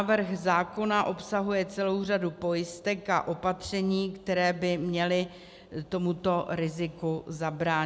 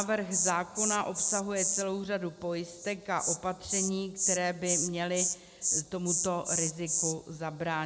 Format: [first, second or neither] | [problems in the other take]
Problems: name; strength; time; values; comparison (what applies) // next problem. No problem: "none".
first | background sound (Insect); as loud as the speech